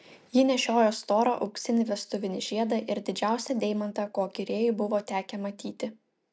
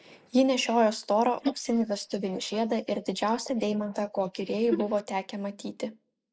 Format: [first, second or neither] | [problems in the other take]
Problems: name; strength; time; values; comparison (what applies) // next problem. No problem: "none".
first | noise reduction (neural mask model Resemble Enhance denoiser)